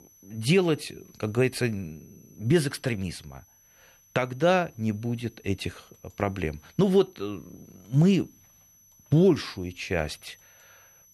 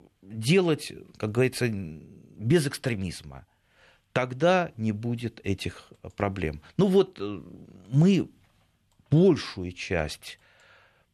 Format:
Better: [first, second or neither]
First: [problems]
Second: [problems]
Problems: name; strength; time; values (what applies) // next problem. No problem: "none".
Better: second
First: high-pitched whine; faint; throughout; 6 kHz, 30 dB below the speech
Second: none